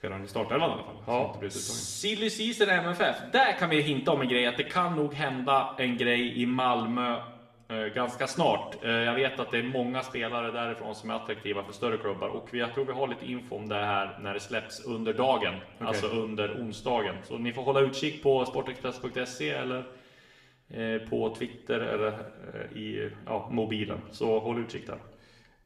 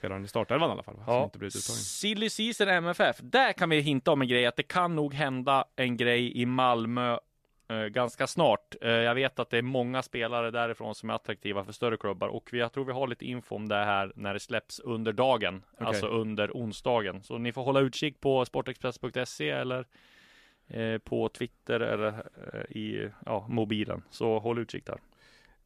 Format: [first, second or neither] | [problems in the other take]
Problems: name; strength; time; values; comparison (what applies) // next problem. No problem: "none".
second | room echo; slight; dies away in 0.8 s